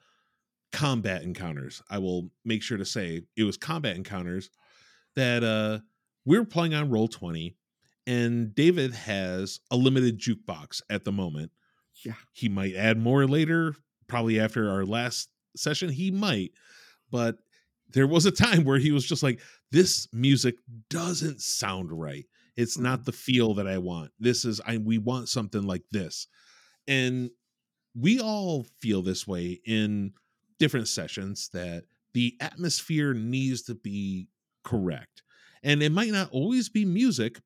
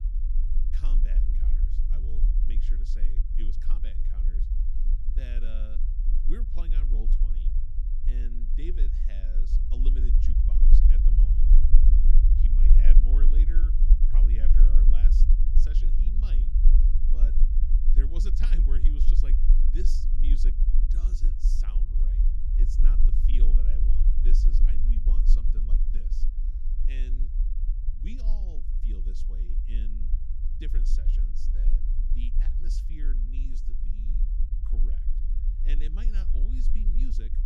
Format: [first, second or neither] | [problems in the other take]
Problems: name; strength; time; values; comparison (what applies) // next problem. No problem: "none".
first | low rumble; loud; throughout; as loud as the speech